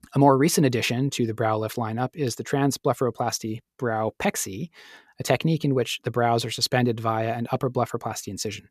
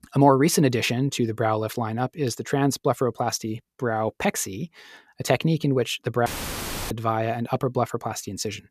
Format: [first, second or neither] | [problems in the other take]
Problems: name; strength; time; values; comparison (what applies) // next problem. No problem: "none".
first | audio cutting out; filled with static; at 6.5 s for 0.5 s